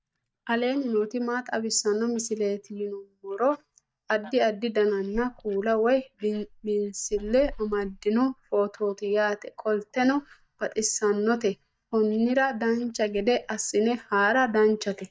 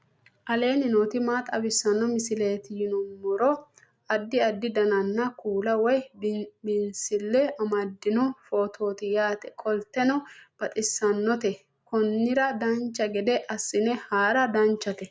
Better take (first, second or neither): second